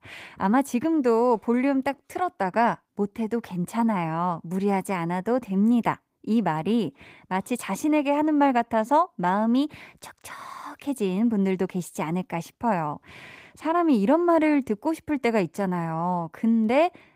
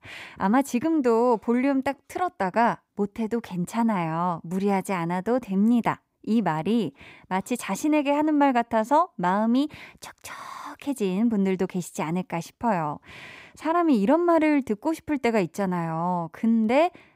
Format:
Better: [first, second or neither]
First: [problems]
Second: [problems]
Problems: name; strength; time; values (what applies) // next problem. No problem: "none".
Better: second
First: garbled, watery; slightly; nothing above 15.5 kHz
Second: none